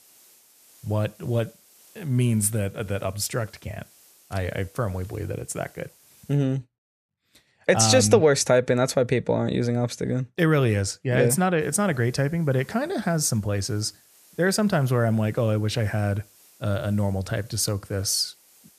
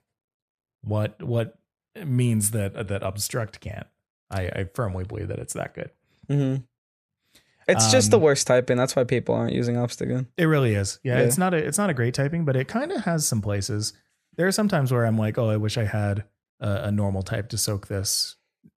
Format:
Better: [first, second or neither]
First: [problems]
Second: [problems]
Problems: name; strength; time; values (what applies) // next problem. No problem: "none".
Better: second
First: hiss; faint; until 6.5 s and from 12 s on; 30 dB below the speech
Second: none